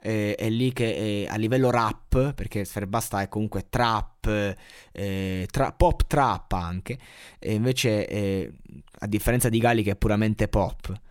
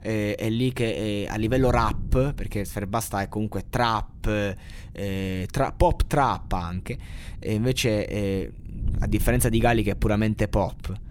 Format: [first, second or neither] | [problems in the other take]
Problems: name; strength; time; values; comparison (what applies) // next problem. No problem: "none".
first | wind noise on the microphone; occasional gusts; 25 dB below the speech